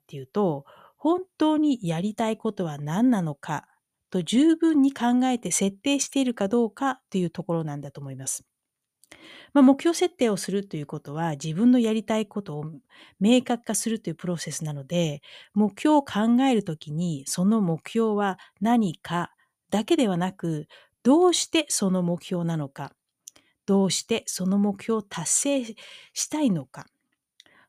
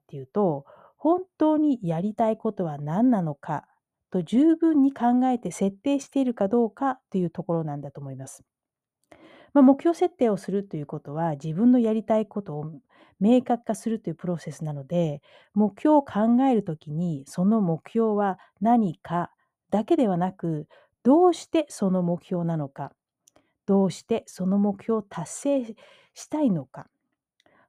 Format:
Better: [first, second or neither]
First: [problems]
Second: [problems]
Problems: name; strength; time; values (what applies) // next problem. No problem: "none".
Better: first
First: none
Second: muffled; very; fading above 2 kHz